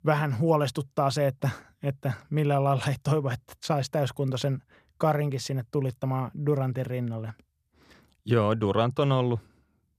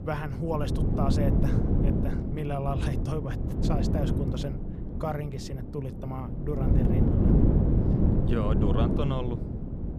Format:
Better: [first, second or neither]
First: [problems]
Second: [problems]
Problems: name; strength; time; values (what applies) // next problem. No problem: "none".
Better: first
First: none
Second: wind noise on the microphone; heavy; 1 dB above the speech